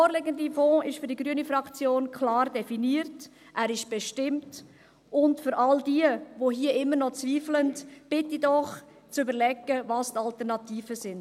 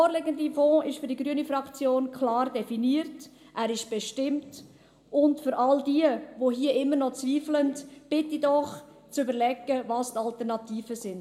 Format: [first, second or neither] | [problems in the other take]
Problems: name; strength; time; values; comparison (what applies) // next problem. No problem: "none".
first | room echo; dies away in 0.7 s